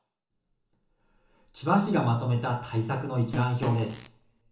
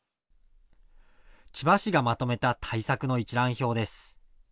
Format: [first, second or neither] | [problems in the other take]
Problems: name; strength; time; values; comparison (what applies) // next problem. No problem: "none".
second | background sound (Fart); 10 dB below the speech // room echo; dies away in 0.8 s